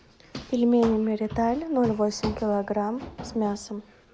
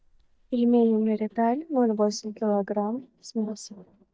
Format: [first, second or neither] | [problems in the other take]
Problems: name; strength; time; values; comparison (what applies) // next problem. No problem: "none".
first | noise reduction (neural mask model DeepFilterNet 3)